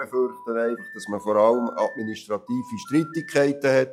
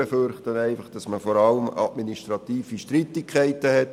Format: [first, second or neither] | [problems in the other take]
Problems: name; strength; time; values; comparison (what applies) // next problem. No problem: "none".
second | noise reduction (classical method log-MMSE)